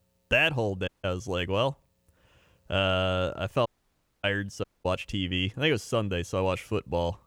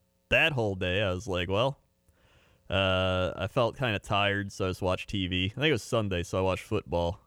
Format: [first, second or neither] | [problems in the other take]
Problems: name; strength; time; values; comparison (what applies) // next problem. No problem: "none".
second | audio cutting out; at 1 s, at 3.5 s for 0.5 s and at 4.5 s